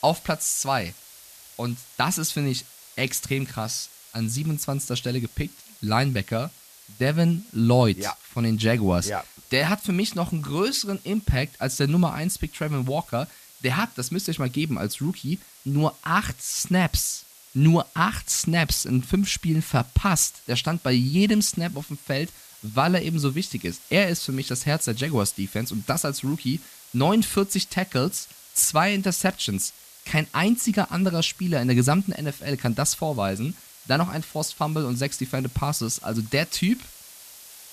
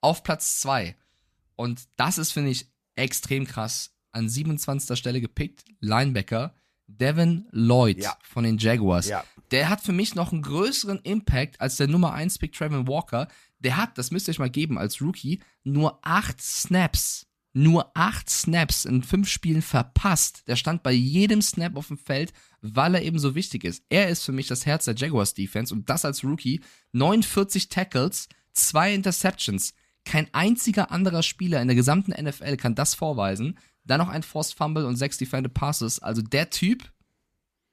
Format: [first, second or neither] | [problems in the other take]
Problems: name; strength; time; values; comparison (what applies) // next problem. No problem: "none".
second | hiss; faint; throughout; 20 dB below the speech